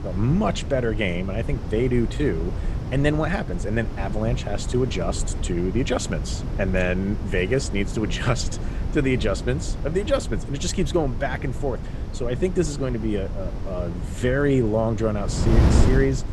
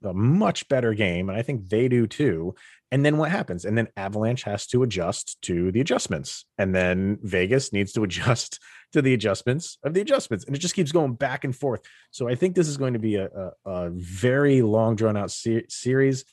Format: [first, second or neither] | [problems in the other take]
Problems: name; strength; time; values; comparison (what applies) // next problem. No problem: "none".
second | wind noise on the microphone; occasional gusts; 10 dB below the speech